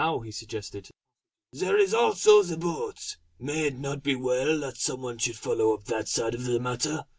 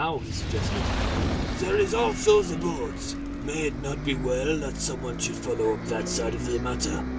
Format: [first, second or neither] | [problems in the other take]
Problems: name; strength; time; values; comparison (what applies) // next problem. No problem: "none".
first | background sound (Bus + Fire); 2 dB below the speech